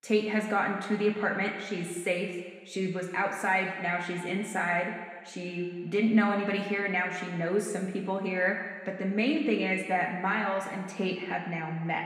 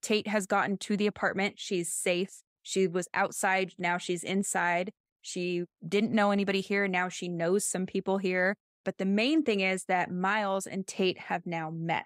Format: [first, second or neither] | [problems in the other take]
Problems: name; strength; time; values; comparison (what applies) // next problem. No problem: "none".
second | room echo; noticeable; dies away in 1.6 s // off-mic speech; somewhat distant